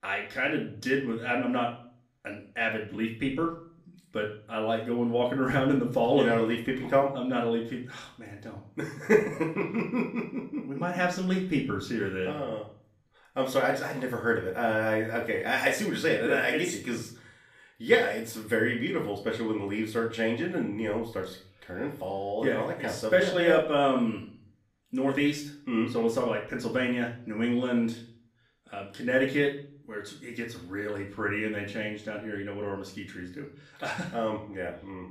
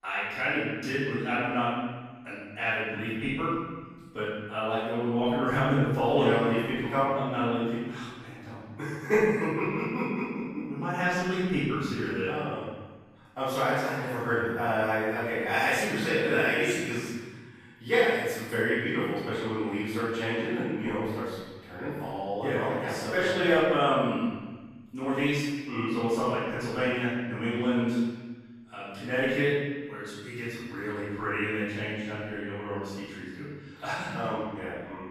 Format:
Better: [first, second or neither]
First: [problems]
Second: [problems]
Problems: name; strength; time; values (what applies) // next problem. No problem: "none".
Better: first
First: room echo; slight; dies away in 0.4 s // off-mic speech; far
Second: room echo; strong; dies away in 1.3 s // off-mic speech; far